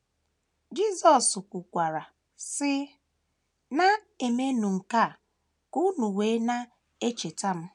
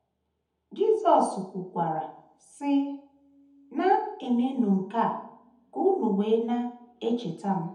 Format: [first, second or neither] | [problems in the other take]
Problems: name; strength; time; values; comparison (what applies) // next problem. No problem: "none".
first | room echo; dies away in 0.7 s